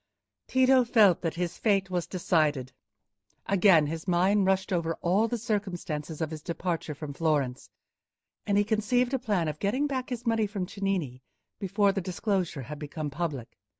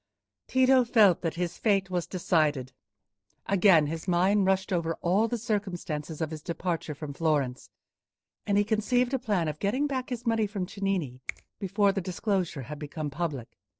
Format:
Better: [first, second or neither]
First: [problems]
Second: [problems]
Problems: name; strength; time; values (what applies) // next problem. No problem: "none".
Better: first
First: none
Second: noise reduction (neural separator model SepFormer DNS4)